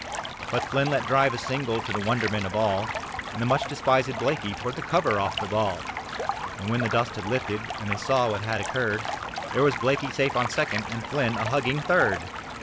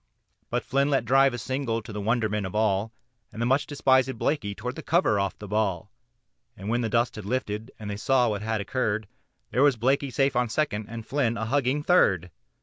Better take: second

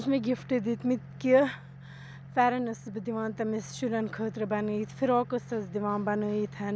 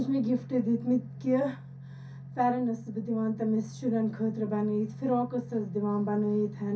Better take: first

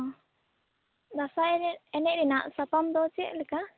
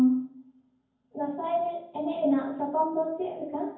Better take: first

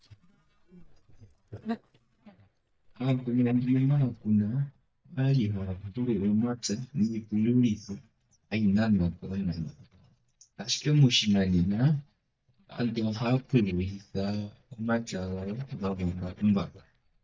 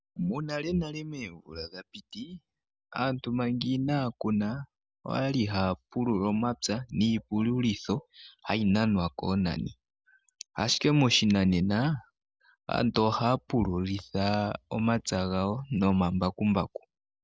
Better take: second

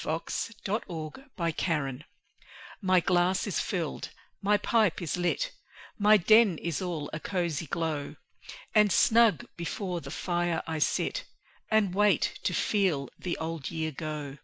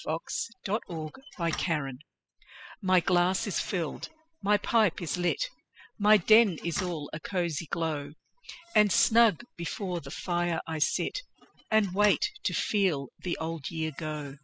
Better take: first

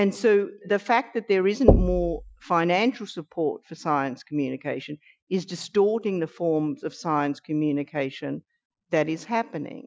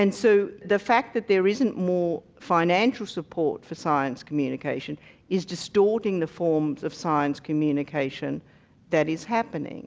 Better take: second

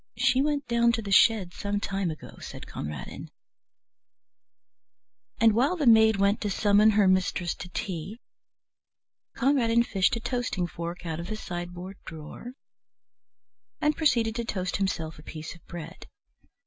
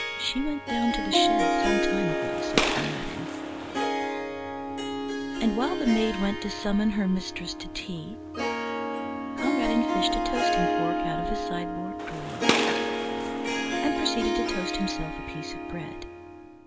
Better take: first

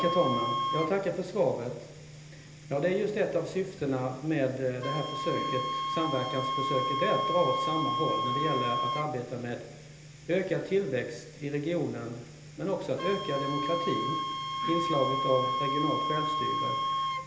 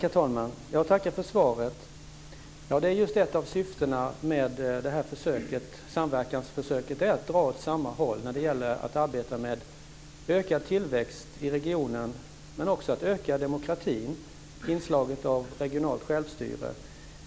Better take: second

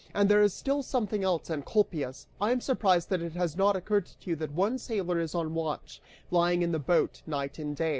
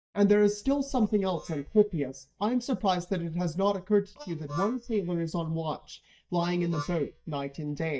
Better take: first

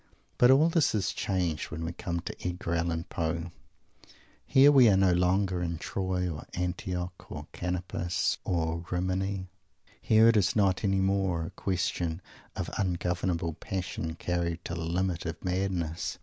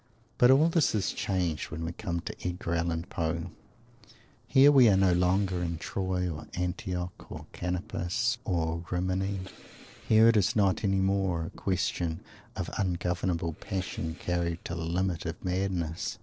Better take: first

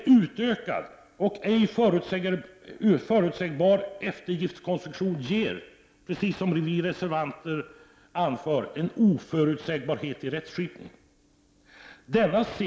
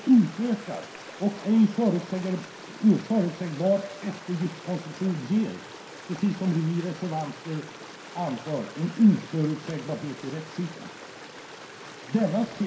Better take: first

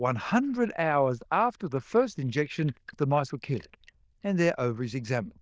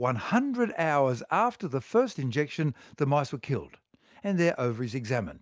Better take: second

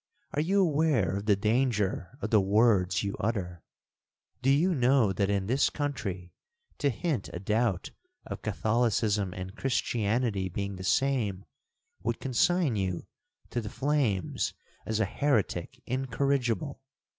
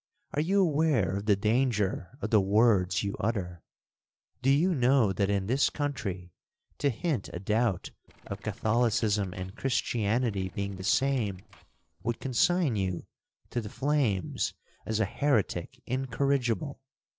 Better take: first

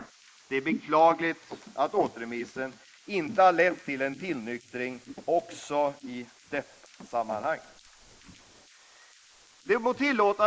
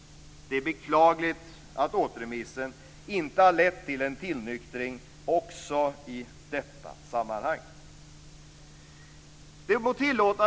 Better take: second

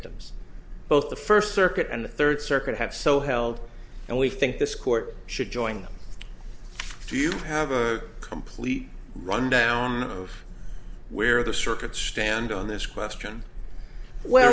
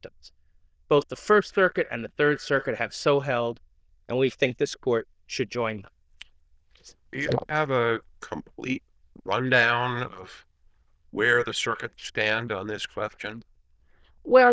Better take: first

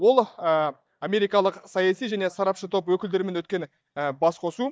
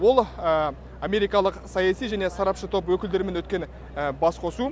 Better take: second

